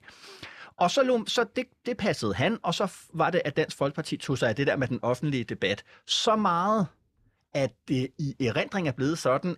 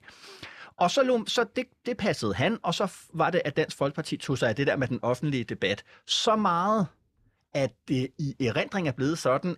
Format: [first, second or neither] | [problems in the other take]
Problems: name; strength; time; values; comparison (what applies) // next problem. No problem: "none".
neither | none